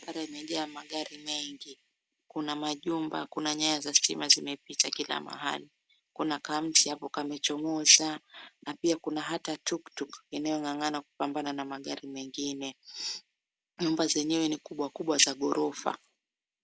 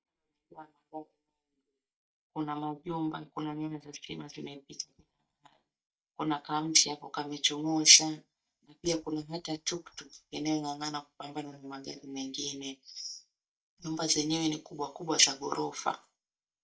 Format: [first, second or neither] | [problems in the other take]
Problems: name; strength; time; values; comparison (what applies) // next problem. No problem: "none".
first | noise reduction (neural mask model DeepFilterNet 3)